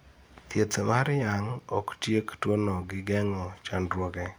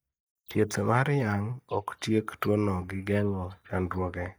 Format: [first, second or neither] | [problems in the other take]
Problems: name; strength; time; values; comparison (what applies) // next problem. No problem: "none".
first | noise reduction (neural mask model DeepFilterNet 3)